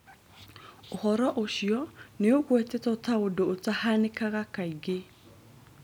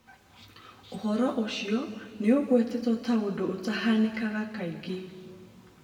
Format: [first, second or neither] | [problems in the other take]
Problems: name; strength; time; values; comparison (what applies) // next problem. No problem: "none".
first | room echo; dies away in 1.5 s